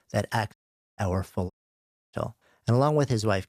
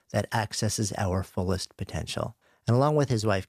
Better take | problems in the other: second | audio cutting out; at 0.5 s and at 1.5 s for 0.5 s

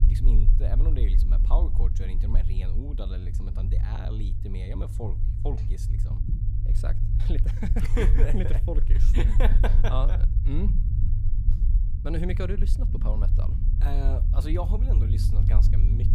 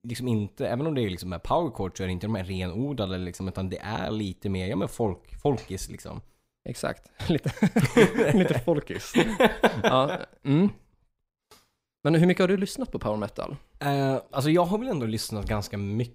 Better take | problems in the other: second | low rumble; loud; throughout; 6 dB below the speech

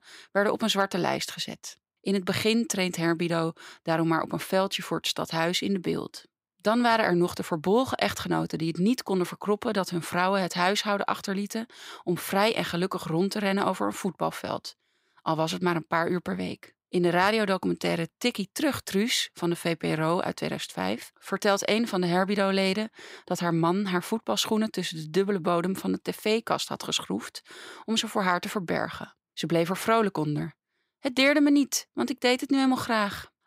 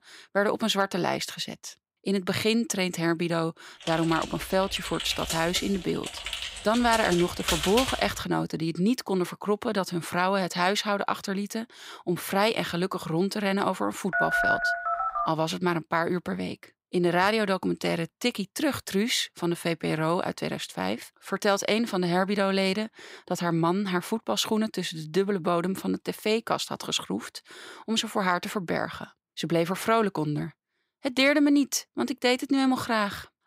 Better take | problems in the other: first | keyboard typing; loud; from 4 to 8 s; peak 1 dB above the speech // phone ringing; loud; from 14 to 15 s; peak 3 dB above the speech

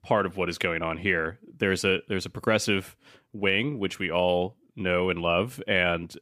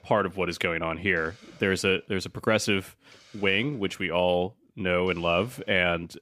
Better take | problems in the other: first | hiss; faint; throughout; 30 dB below the speech

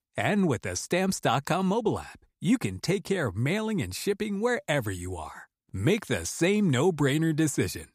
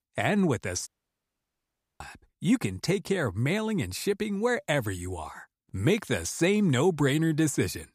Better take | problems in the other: first | audio cutting out; at 1 s for 1 s

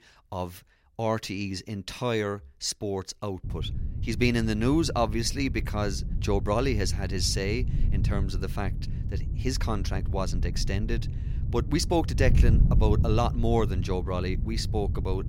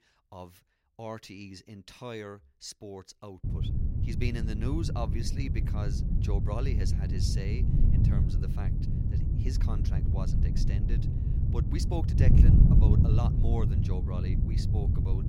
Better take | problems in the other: first | wind noise on the microphone; heavy; from 3.5 s on; 1 dB above the speech; occasional gusts in the first

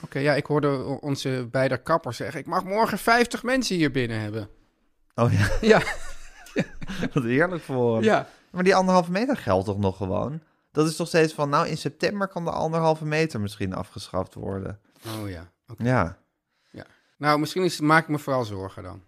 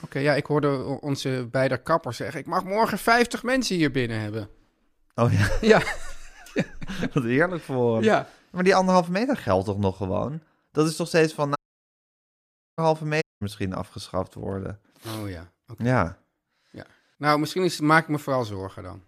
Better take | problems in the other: first | audio cutting out; at 12 s for 1 s and at 13 s

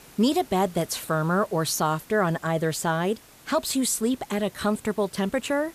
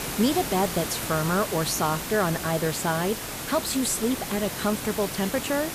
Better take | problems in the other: first | hiss; loud; throughout; 5 dB below the speech; faint in the first

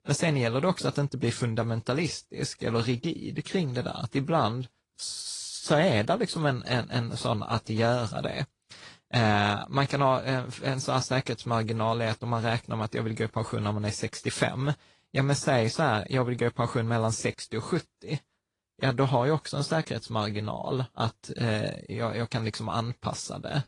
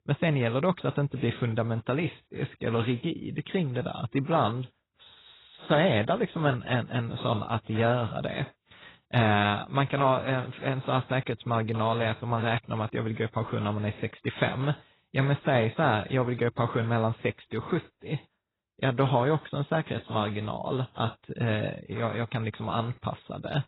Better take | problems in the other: first | garbled, watery; badly; nothing above 4 kHz; slightly in the first

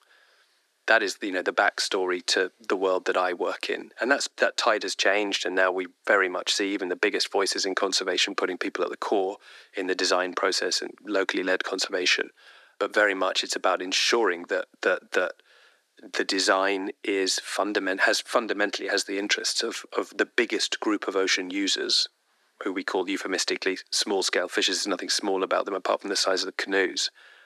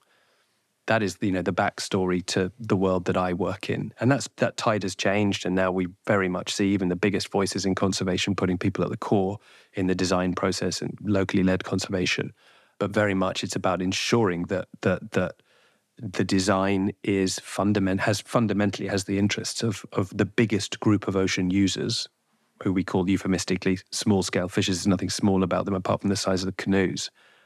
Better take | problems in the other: second | thin; somewhat; fading below 300 Hz

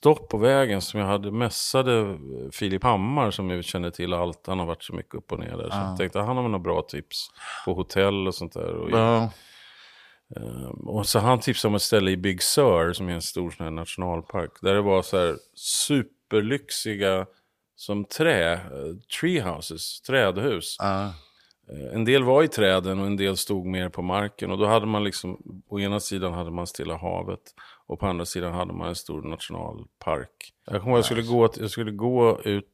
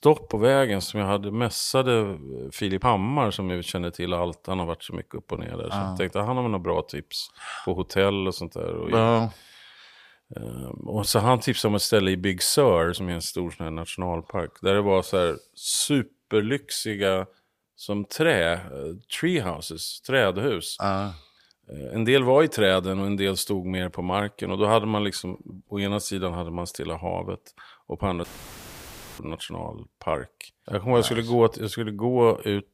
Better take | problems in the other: first | audio cutting out; filled with static; at 28 s for 1 s

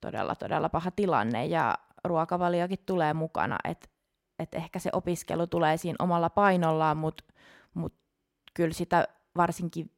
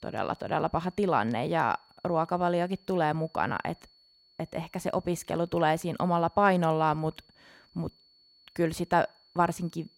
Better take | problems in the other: first | high-pitched whine; faint; throughout; 4.5 kHz, 30 dB below the speech

